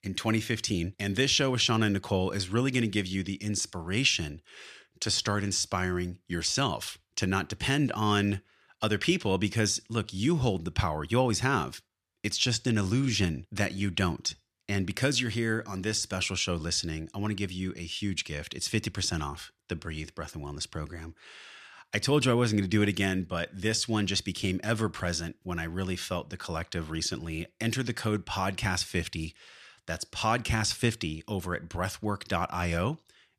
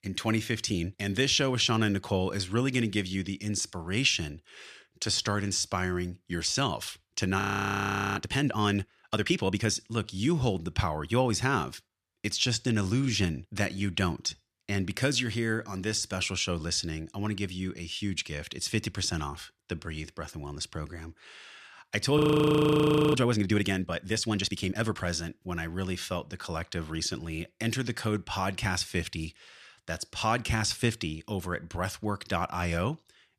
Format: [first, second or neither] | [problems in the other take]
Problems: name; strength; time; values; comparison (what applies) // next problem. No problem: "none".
first | audio freezing; at 7.5 s for 1 s and at 22 s for 1 s